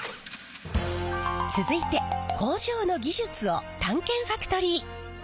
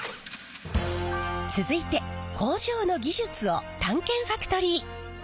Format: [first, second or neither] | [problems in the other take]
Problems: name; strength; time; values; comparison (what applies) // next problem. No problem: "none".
second | background sound (Marimba, xylophone); 5 dB below the speech